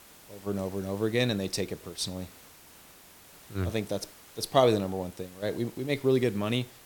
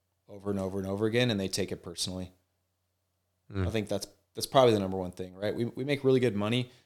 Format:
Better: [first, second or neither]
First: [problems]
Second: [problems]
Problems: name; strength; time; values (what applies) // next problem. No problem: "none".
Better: second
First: hiss; faint; throughout; 20 dB below the speech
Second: none